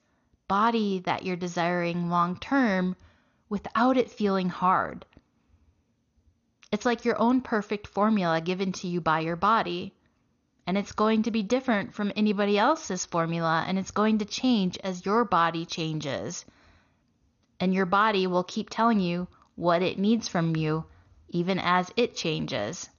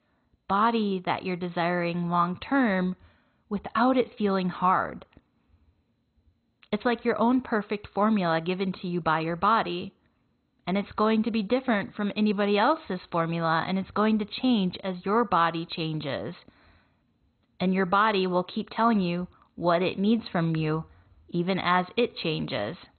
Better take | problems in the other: first | garbled, watery; badly; nothing above 4 kHz; slightly in the first

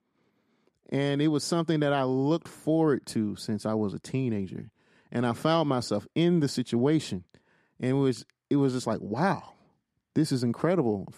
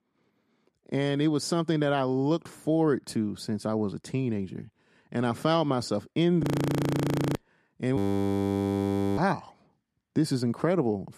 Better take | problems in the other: first | audio freezing; at 6.5 s for 1 s and at 8 s for 1 s

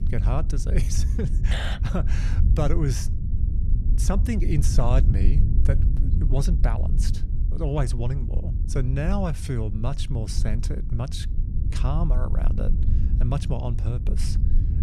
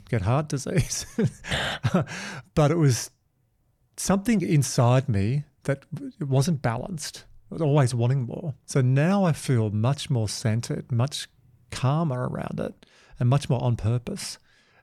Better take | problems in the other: second | low rumble; loud; throughout; 8 dB below the speech

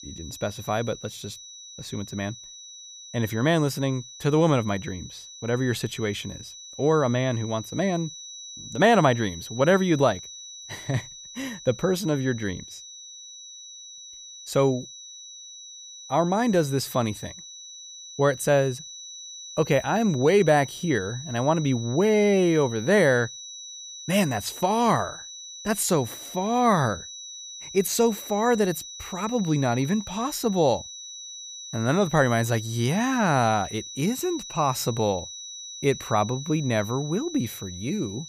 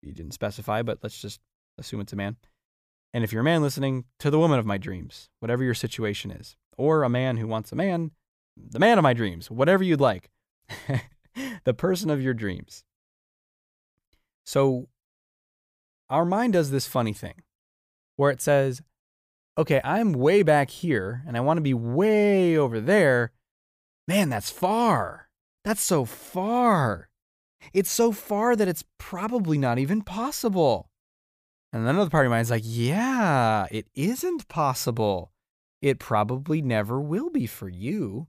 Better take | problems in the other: second | high-pitched whine; noticeable; throughout; 4 kHz, 15 dB below the speech

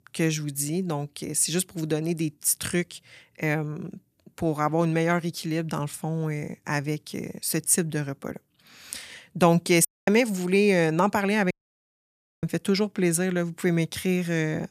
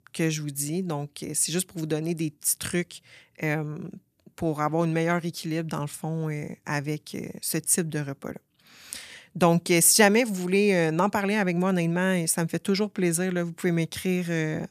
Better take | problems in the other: second | audio cutting out; at 10 s and at 12 s for 1 s

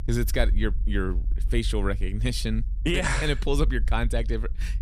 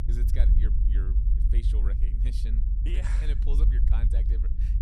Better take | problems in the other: first | low rumble; loud; throughout; 2 dB below the speech; faint in the first

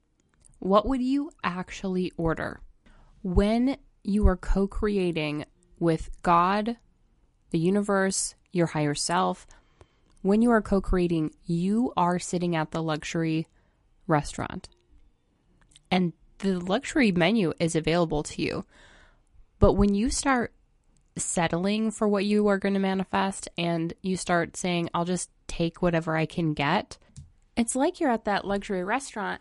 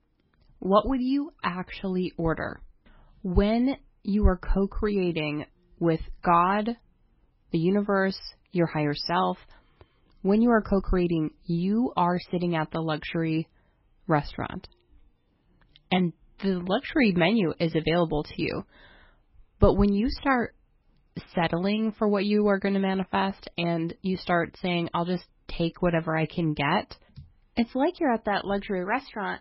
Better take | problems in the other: first | garbled, watery; badly; nothing above 5.5 kHz; slightly in the first

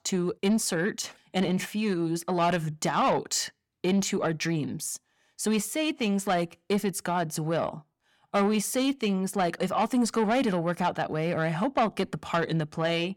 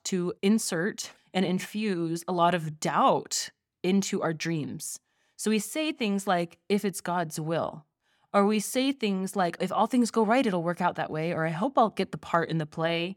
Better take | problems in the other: second | distortion; slight; 10 dB below the speech

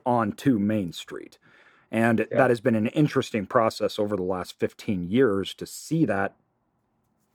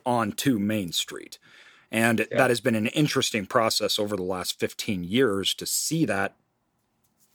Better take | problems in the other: second | muffled; slightly; fading above 2 kHz

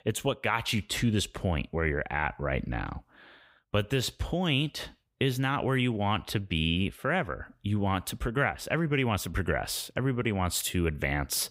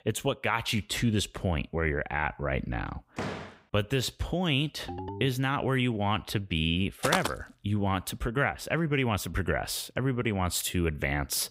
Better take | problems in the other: first | door banging; noticeable; at 3 s; peak 7 dB below the speech // phone ringing; noticeable; at 5 s; peak 9 dB below the speech // footsteps; noticeable; at 7 s; peak 1 dB below the speech

